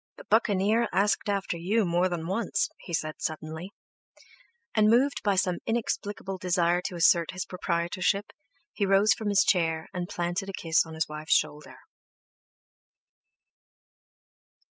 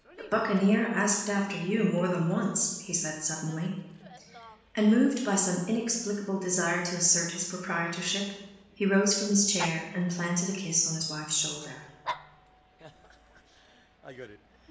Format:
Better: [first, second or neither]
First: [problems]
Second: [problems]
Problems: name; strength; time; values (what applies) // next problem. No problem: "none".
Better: first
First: none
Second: background sound (Dog); 19 dB below the speech // room echo; dies away in 1.1 s